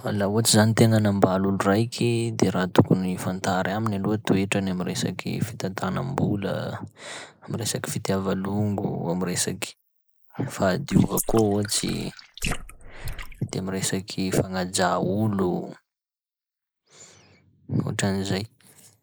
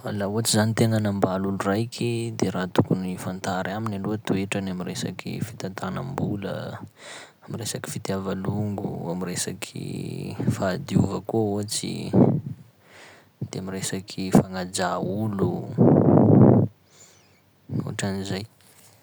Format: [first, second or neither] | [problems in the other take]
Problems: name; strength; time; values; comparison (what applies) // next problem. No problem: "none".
second | noise reduction (neural mask model Resemble Enhance denoiser)